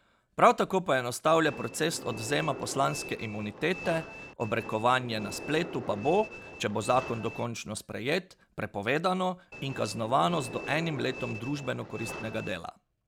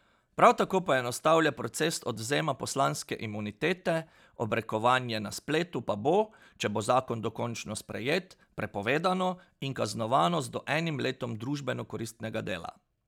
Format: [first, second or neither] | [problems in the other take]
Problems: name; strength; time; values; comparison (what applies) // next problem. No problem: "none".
second | background sound (Train); 12 dB below the speech